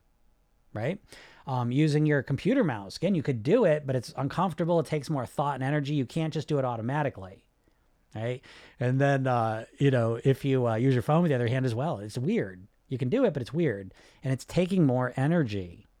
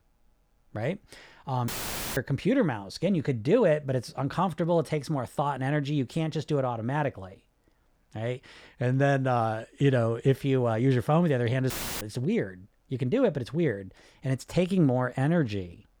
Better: first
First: none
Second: audio cutting out; filled with static; at 1.5 s and at 12 s

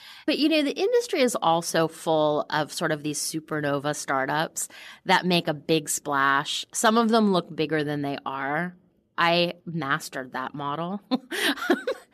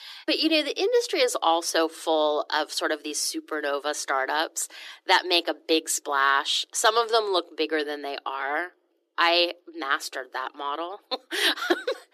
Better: first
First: none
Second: thin; very; fading below 300 Hz

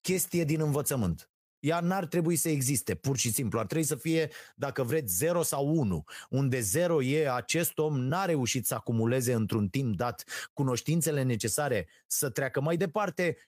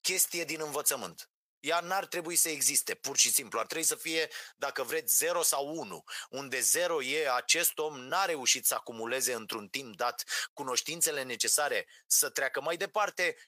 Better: first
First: none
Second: thin; very; fading below 650 Hz

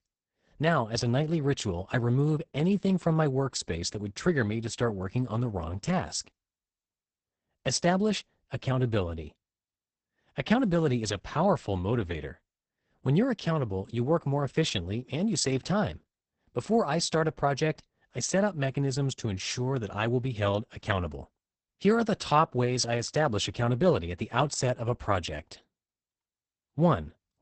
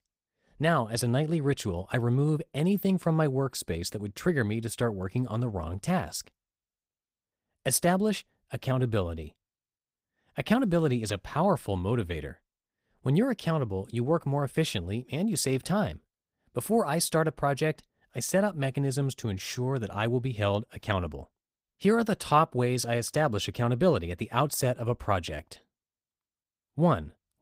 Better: second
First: garbled, watery; badly; nothing above 8 kHz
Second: garbled, watery; slightly; nothing above 15.5 kHz

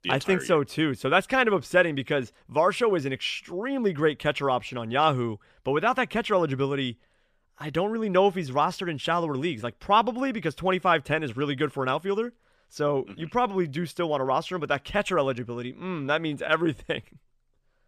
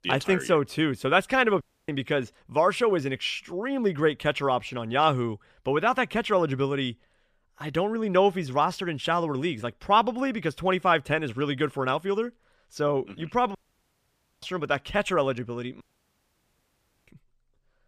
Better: first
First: none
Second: audio cutting out; at 1.5 s, at 14 s for 1 s and at 16 s for 1.5 s

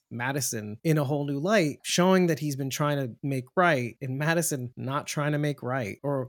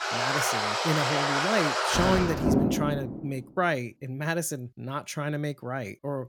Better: first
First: none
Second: rain or running water; very loud; until 2.5 s; 4 dB above the speech

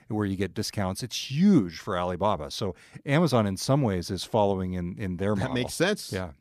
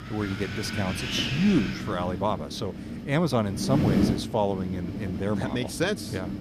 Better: first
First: none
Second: wind noise on the microphone; heavy; 4 dB below the speech

